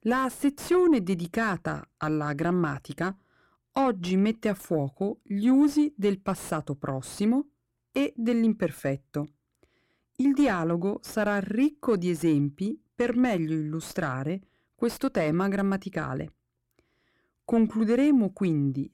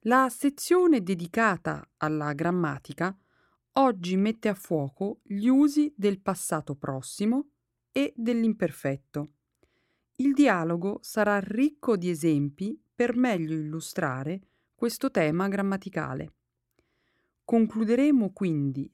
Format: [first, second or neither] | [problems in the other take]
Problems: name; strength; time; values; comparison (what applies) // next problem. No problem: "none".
second | distortion; slight; 10 dB below the speech